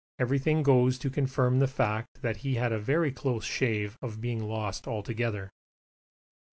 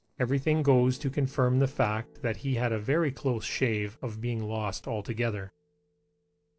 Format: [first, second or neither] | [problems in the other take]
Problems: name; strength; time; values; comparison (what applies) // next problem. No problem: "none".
first | noise reduction (neural separator model SepFormer DNS4)